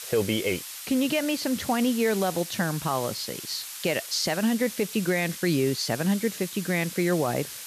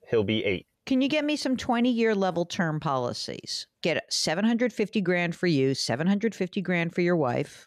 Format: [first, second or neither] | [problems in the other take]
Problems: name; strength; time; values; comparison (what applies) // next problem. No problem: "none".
second | hiss; loud; throughout; 9 dB below the speech